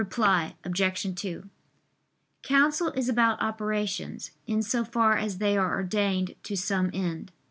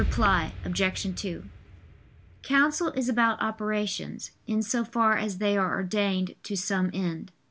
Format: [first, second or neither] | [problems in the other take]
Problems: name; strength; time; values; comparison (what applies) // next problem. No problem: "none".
first | background sound (Explosion); 11 dB below the speech